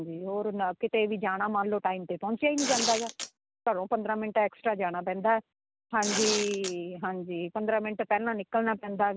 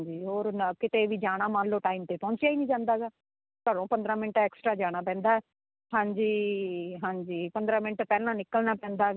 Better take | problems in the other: second | background sound (Tearing); 2 dB below the speech

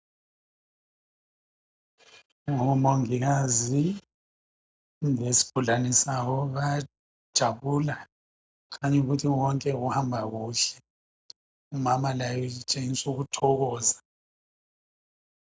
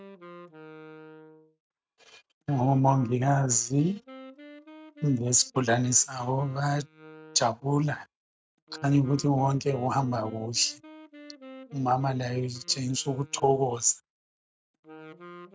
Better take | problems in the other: first | noise reduction (neural mask model RNNoise)

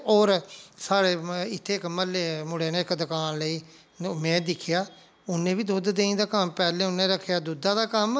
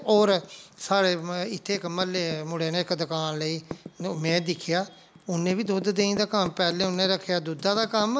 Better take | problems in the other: first | background sound (Typing); 18 dB below the speech

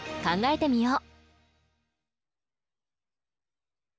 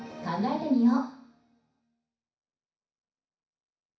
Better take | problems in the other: first | room echo; dies away in 0.6 s

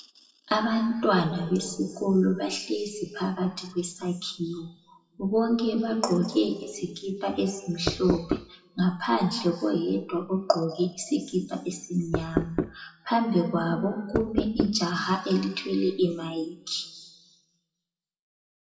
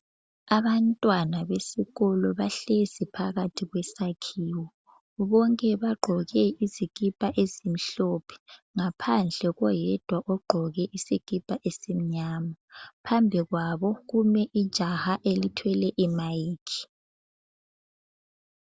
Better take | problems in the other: second | noise reduction (classical method WPE with log-MMSE)

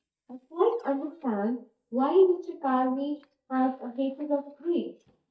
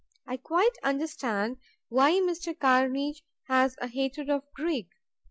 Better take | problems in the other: second | noise reduction (neural mask model DeepFilterNet 3)

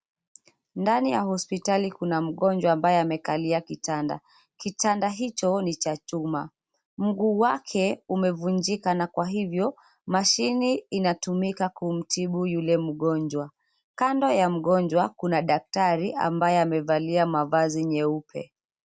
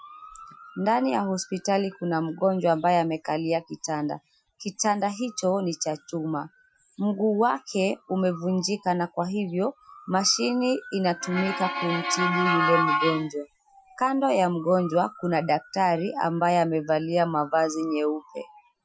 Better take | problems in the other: first | noise reduction (classical method Wiener filter)

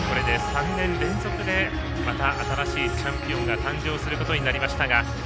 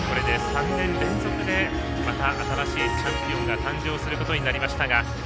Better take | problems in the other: first | background sound (Harp); 8 dB below the speech

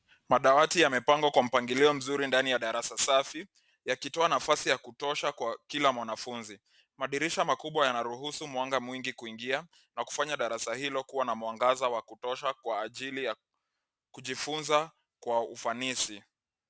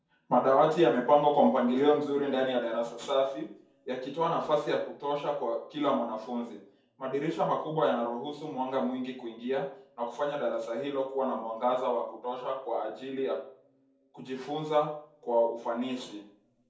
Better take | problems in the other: first | room echo; dies away in 0.6 s

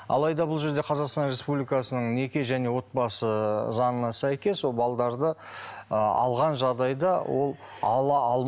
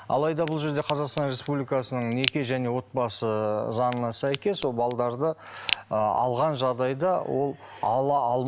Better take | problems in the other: first | background sound (Crack); 11 dB below the speech

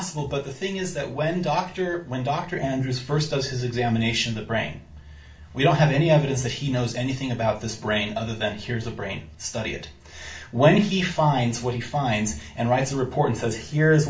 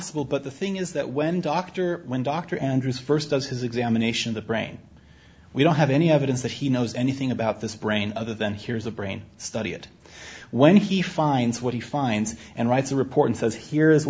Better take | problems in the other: second | room echo; dies away in 0.3 s

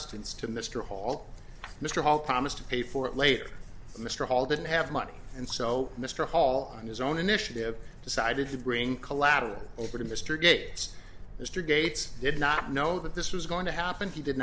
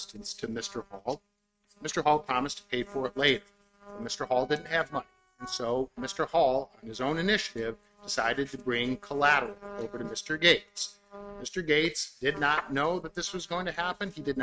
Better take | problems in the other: first | noise reduction (neural mask model RNNoise)

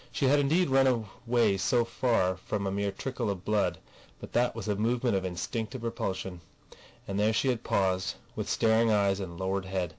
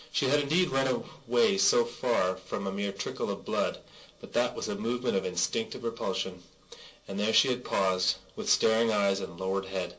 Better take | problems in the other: first | room echo; dies away in 0.2 s

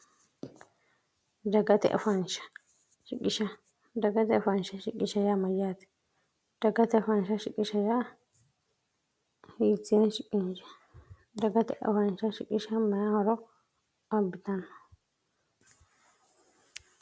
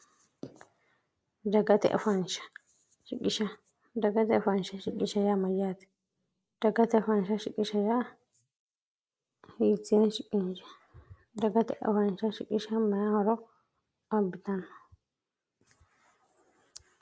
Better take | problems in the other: first | noise reduction (neural mask model Resemble Enhance denoiser)

